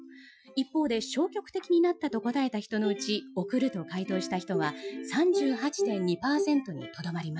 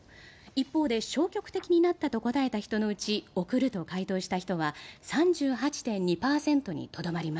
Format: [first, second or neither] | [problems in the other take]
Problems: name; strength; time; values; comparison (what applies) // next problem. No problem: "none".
second | noise reduction (classical method Wiener filter)